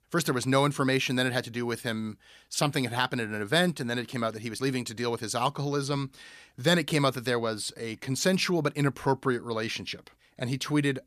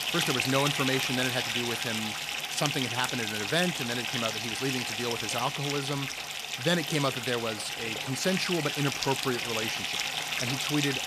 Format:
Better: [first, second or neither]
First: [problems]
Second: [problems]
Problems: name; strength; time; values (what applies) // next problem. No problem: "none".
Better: first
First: none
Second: household noises; very loud; throughout; 1 dB above the speech